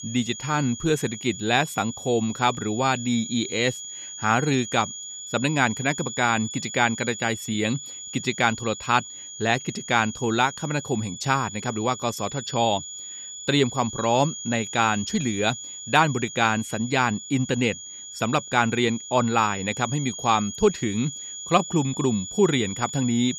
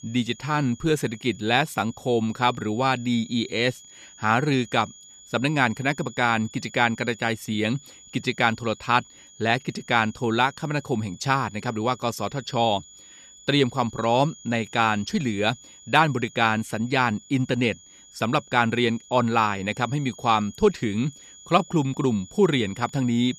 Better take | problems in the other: second | high-pitched whine; loud; throughout; 7 kHz, 10 dB below the speech; faint in the second

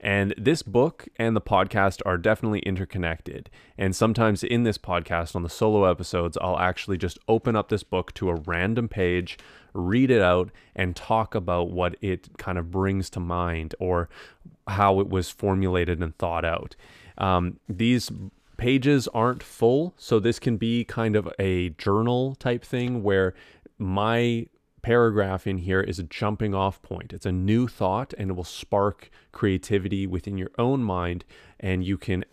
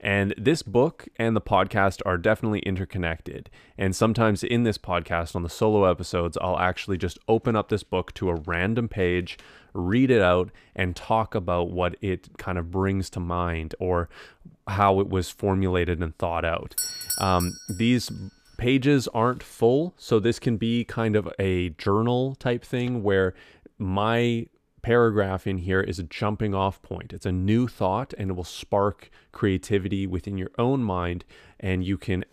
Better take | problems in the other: first | doorbell; noticeable; at 17 s; peak 1 dB below the speech

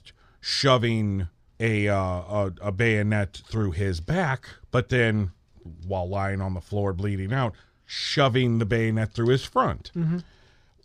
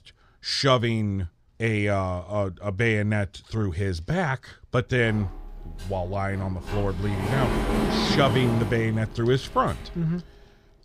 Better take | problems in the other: first | door banging; loud; from 5 to 10 s; peak 2 dB above the speech

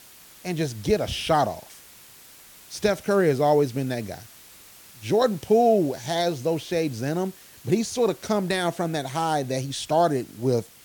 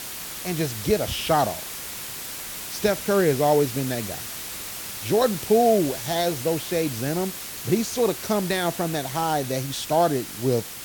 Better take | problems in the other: first | hiss; loud; throughout; 8 dB below the speech; faint in the first

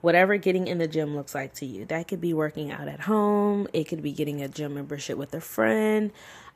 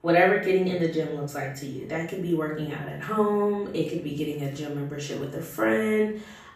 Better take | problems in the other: first | off-mic speech; far // room echo; noticeable; dies away in 0.5 s

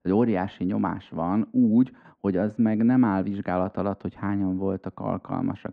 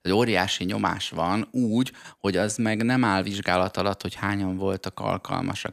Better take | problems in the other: second | muffled; very; fading above 1 kHz

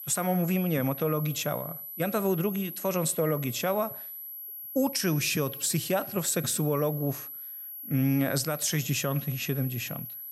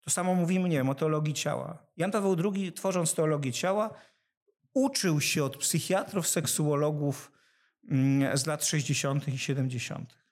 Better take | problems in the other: second | high-pitched whine; loud; throughout; 11.5 kHz, 9 dB below the speech

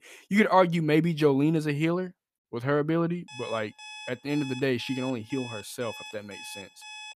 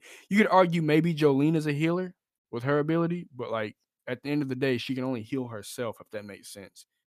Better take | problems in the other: second | alarm; faint; from 3.5 s on; peak 15 dB below the speech

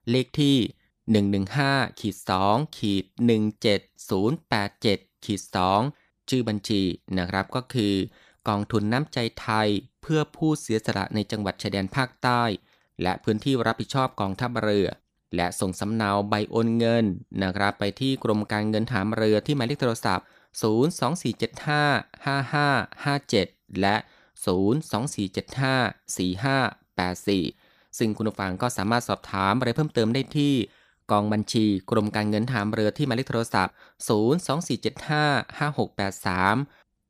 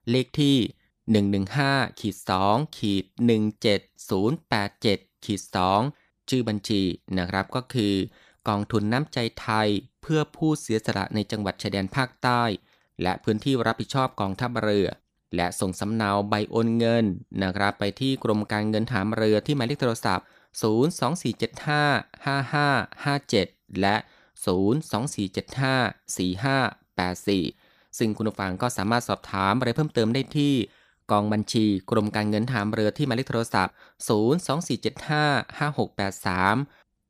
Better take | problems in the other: neither | none

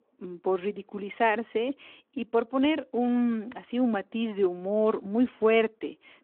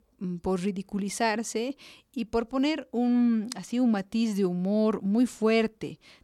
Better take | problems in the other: second | phone-call audio

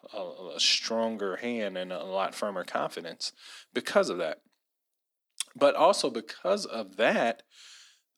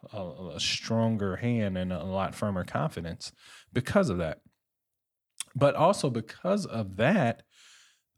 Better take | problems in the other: second | thin; somewhat; fading below 250 Hz

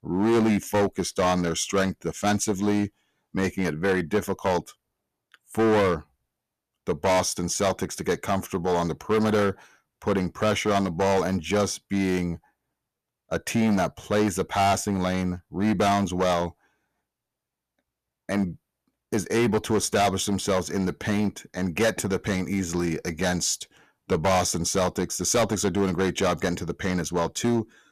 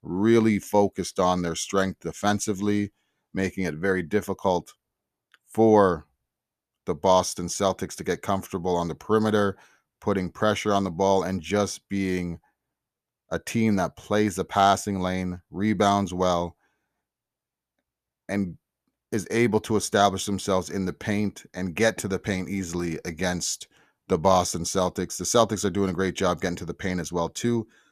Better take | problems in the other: second | distortion; heavy; 8% of the sound clipped

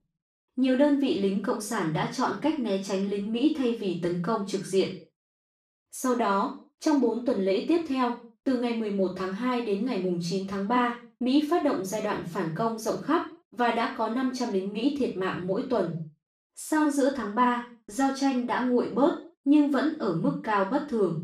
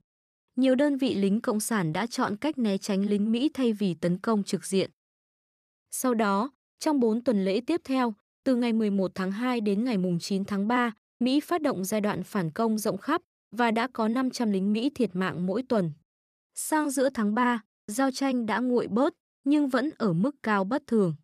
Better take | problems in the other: second | room echo; noticeable; dies away in 0.3 s // off-mic speech; far

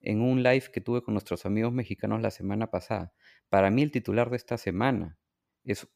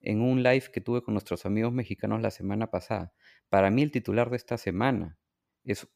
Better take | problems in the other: neither | none

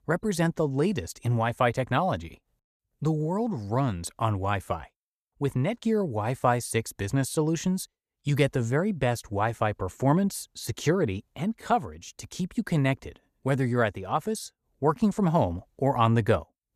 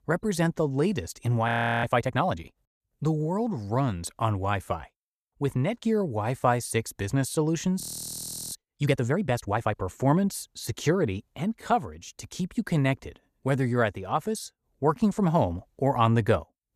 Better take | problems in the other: first | audio freezing; at 1.5 s and at 8 s for 0.5 s

